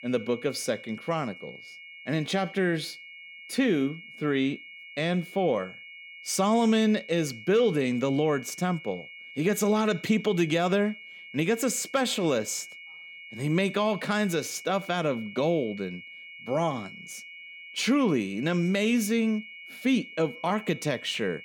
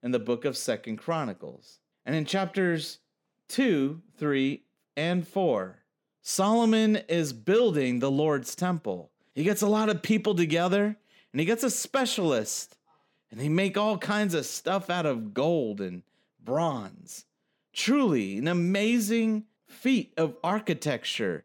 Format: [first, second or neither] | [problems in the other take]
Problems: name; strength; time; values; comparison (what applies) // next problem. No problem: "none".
second | high-pitched whine; noticeable; throughout; 2 kHz, 15 dB below the speech